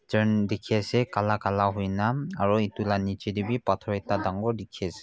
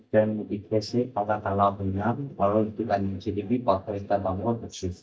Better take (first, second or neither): first